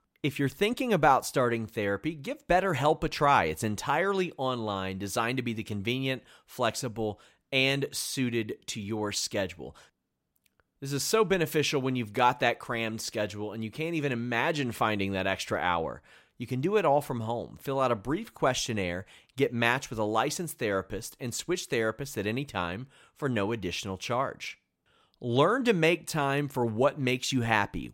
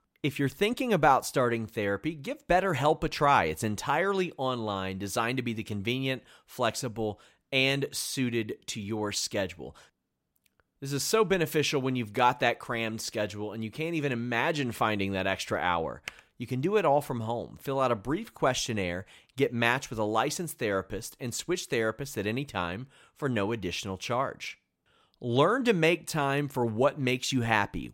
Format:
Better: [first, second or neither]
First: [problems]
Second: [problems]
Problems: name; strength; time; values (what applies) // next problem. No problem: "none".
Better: first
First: none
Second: keyboard typing; very faint; at 16 s; peak 15 dB below the speech